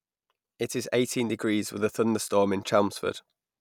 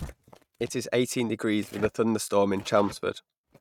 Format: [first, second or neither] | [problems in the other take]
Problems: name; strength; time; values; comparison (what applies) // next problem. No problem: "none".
first | noise reduction (neural mask model RNNoise)